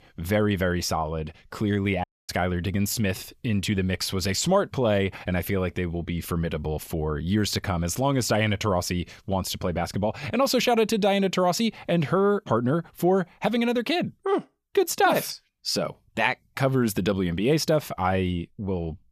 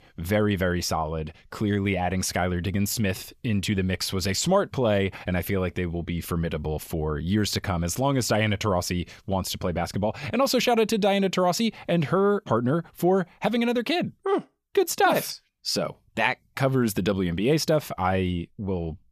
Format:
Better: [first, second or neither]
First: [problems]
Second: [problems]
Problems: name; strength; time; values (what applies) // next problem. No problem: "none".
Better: second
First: audio cutting out; at 2 s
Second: none